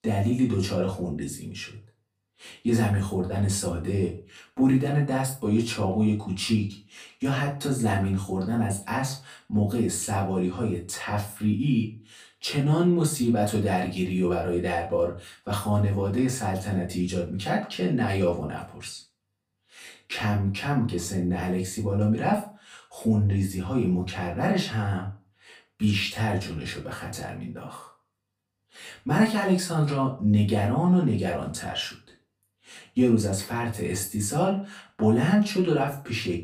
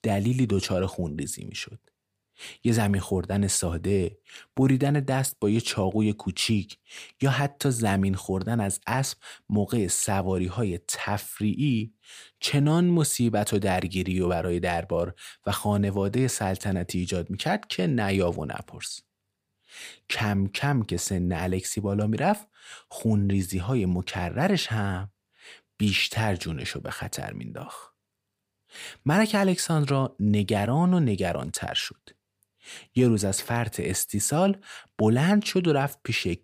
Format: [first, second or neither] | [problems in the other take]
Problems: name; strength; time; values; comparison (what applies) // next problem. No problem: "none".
second | room echo; slight; dies away in 0.3 s // off-mic speech; far